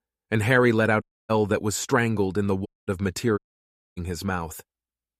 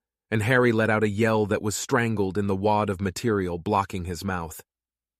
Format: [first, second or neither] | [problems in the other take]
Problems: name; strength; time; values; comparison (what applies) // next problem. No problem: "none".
second | audio cutting out; at 1 s, at 2.5 s and at 3.5 s for 0.5 s